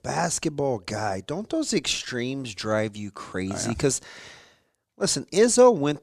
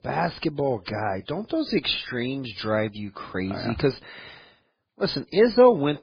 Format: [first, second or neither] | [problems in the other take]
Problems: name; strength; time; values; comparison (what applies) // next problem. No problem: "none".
first | garbled, watery; badly; nothing above 5 kHz